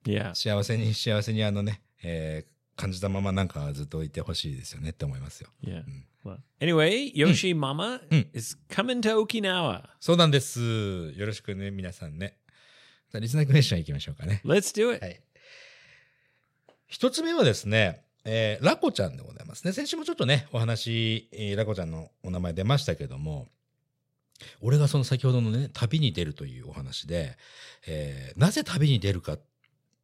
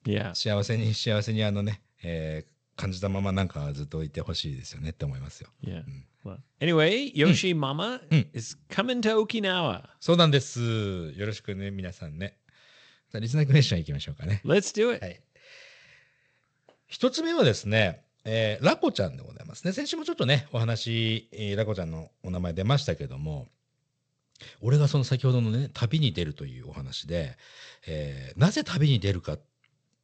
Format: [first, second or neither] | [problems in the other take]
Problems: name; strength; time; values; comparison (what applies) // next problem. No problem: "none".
first | garbled, watery; slightly; nothing above 8 kHz